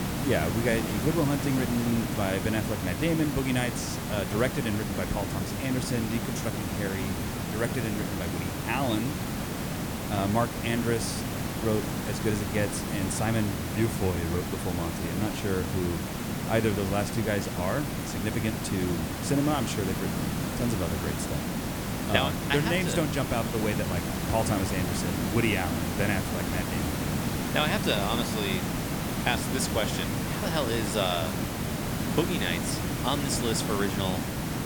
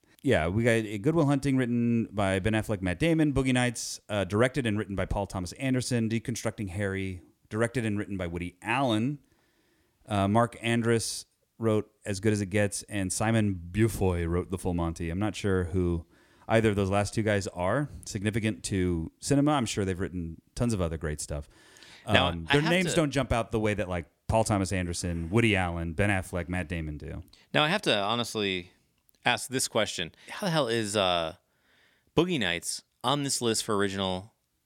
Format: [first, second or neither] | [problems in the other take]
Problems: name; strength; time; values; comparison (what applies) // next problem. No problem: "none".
second | hiss; loud; throughout; 1 dB below the speech